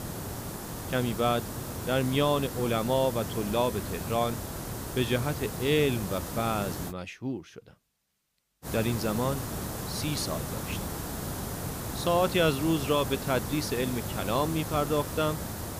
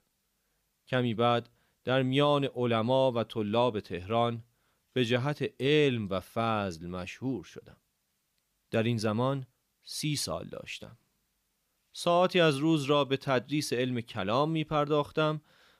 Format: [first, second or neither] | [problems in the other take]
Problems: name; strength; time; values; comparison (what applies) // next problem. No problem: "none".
second | hiss; loud; until 7 s and from 8.5 s on; 6 dB below the speech